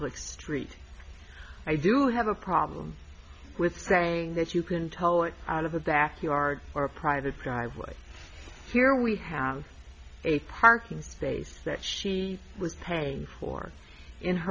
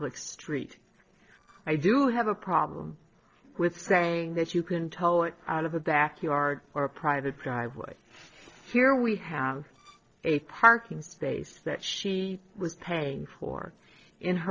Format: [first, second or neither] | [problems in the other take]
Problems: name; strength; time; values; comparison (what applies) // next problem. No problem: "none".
first | noise reduction (neural separator model SepFormer DNS4)